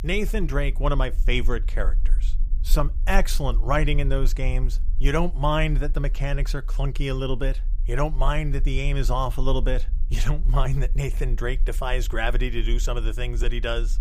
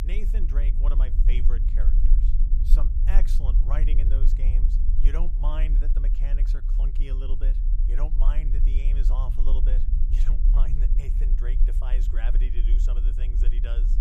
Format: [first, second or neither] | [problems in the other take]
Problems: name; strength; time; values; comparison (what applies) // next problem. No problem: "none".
first | low rumble; loud; throughout; 5 dB below the speech; faint in the first